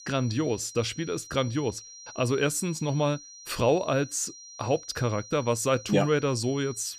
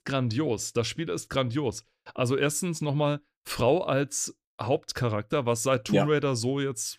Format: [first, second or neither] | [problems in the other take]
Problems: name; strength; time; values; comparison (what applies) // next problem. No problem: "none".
second | high-pitched whine; noticeable; throughout; 5.5 kHz, 15 dB below the speech